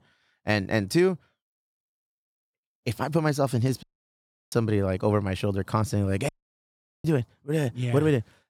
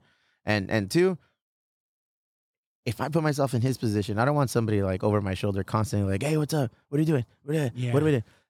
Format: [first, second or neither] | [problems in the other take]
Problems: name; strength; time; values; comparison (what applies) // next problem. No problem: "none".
second | audio cutting out; at 4 s for 0.5 s and at 6.5 s for 1 s